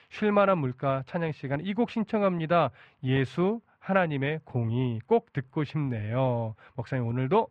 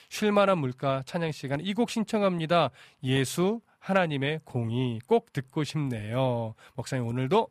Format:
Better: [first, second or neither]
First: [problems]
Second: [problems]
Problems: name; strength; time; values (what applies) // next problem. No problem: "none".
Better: second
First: muffled; very; fading above 2 kHz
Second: none